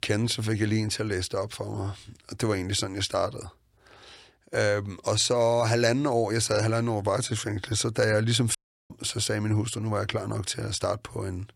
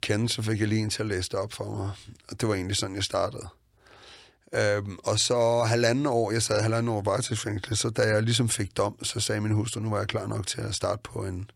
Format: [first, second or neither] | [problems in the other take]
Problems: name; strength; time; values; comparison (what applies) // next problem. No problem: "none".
second | audio cutting out; at 8.5 s